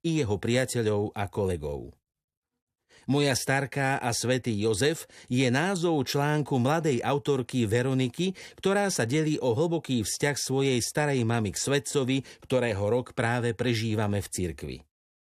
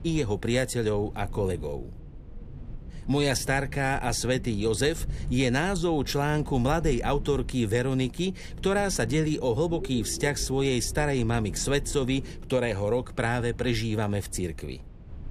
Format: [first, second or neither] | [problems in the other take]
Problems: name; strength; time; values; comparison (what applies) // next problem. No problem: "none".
first | low rumble; faint; throughout; 20 dB below the speech